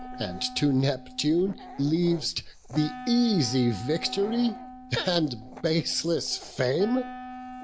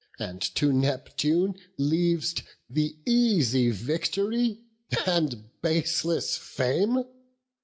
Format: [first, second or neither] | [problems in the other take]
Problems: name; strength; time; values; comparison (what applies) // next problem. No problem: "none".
second | background sound (Dog + Wind instrument, woodwind instrument); 14 dB below the speech